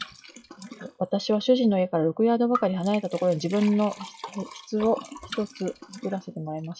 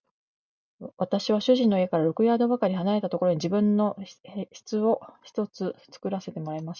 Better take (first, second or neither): second